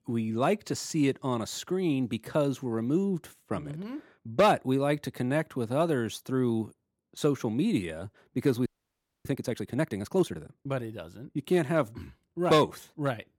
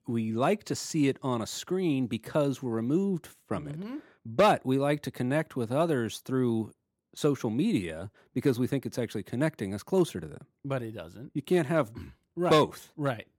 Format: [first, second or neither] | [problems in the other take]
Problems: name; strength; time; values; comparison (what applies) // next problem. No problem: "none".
second | audio freezing; at 8.5 s for 0.5 s